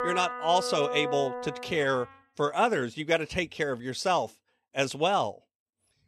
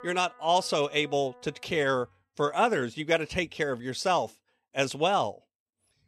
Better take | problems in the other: second | background music; loud; until 2 s; 7 dB below the speech; faint in the second

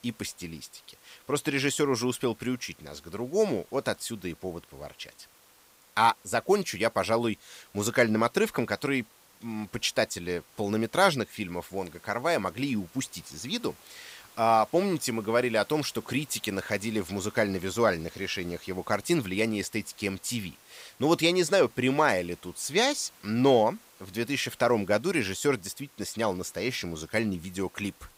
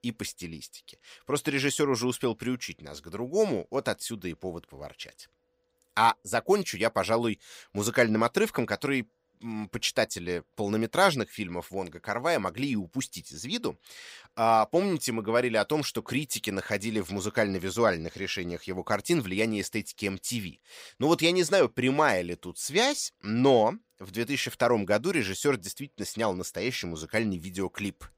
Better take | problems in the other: second | hiss; faint; throughout; 25 dB below the speech

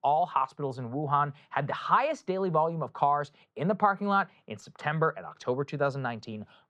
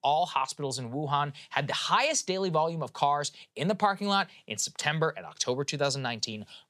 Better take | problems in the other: second | muffled; very; fading above 3 kHz

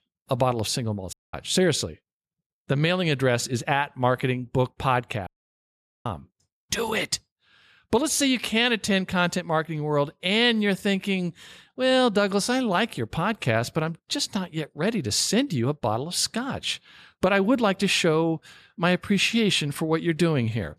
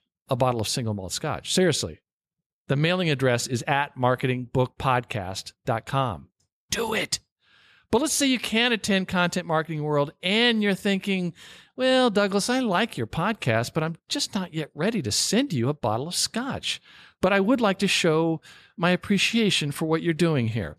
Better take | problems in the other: second | audio cutting out; at 1 s and at 5.5 s for 1 s

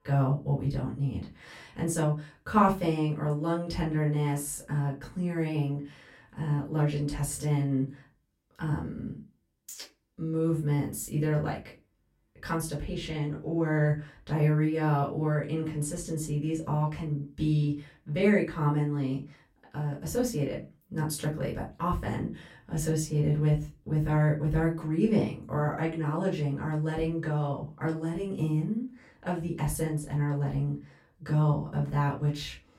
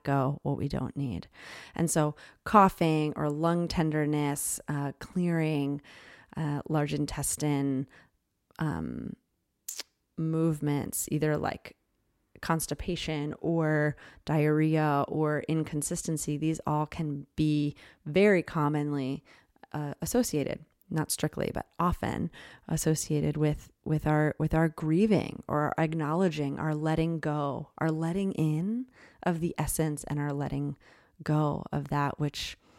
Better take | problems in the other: second | off-mic speech; far // room echo; very slight; dies away in 0.2 s

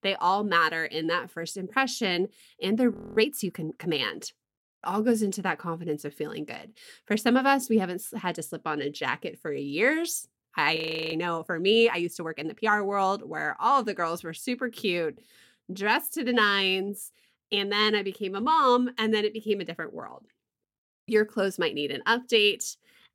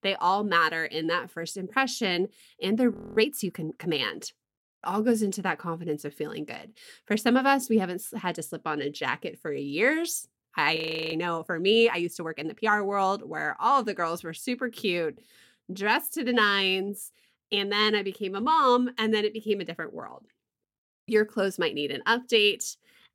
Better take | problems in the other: neither | audio freezing; at 3 s and at 11 s; the same in both

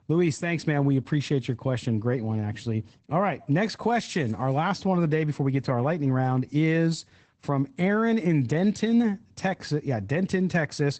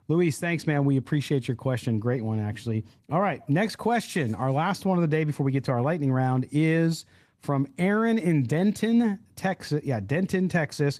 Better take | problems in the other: second | garbled, watery; badly; nothing above 8 kHz; slightly in the second

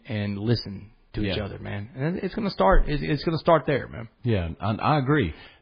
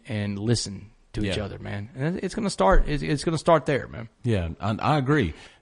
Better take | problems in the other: second | garbled, watery; badly; slightly in the second

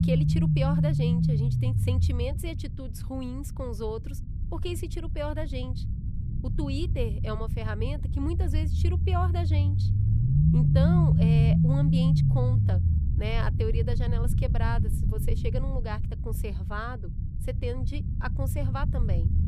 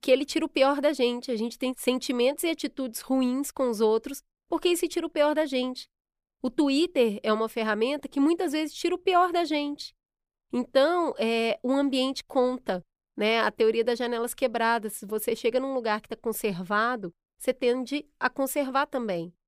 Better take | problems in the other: second | low rumble; loud; throughout; 1 dB below the speech

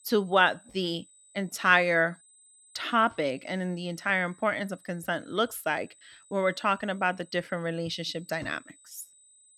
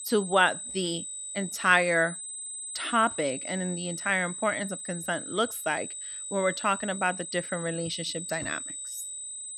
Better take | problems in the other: first | high-pitched whine; loud; throughout; 8 kHz, 7 dB below the speech; faint in the first

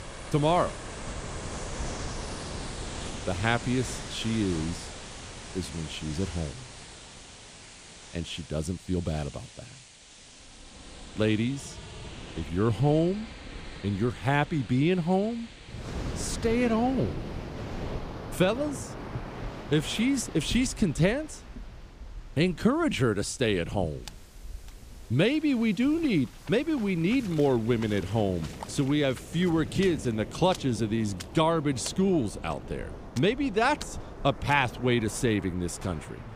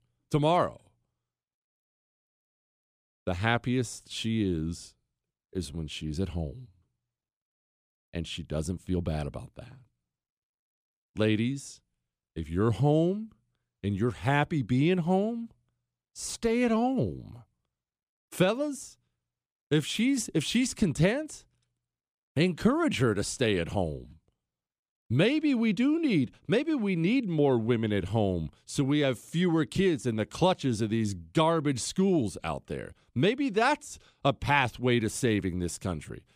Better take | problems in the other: second | rain or running water; noticeable; throughout; 15 dB below the speech

